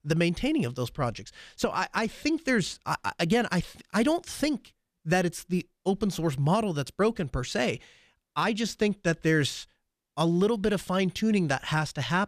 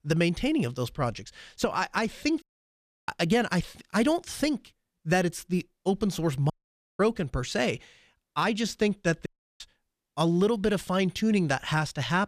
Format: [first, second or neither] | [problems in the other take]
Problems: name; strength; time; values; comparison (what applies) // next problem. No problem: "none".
first | audio cutting out; at 2.5 s for 0.5 s, at 6.5 s and at 9.5 s